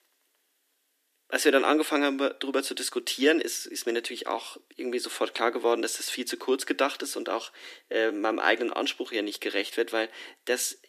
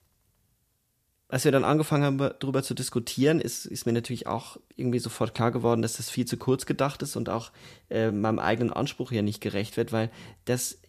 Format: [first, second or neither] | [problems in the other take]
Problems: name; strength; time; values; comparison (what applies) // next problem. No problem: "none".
second | thin; somewhat; fading below 300 Hz